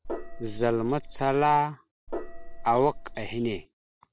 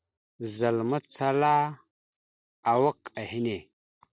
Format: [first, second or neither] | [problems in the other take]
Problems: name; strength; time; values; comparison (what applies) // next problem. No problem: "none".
second | background sound (Gong); 8 dB below the speech